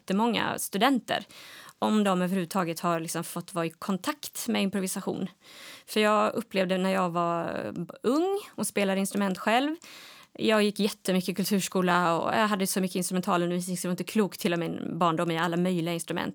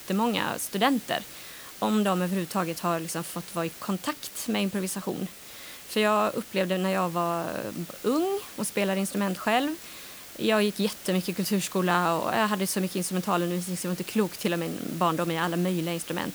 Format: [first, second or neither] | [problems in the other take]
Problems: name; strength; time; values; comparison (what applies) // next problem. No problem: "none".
first | hiss; noticeable; throughout; 15 dB below the speech